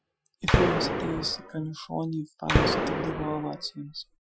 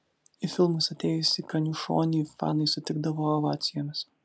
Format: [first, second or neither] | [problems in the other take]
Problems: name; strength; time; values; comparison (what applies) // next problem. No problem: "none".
second | noise reduction (classical method Wiener filter)